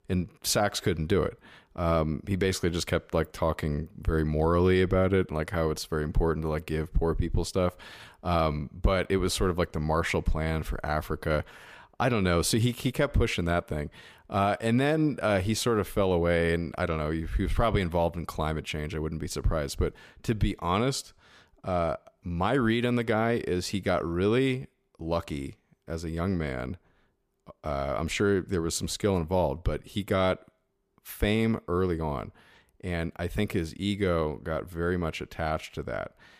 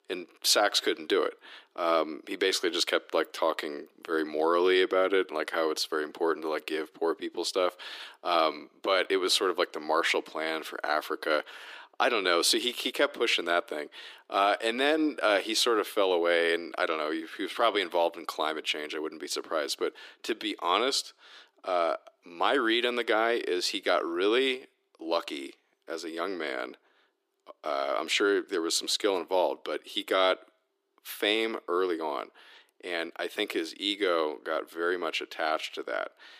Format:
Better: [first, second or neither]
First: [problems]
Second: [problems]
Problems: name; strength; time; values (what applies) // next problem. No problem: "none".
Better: first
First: none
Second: thin; very; fading below 300 Hz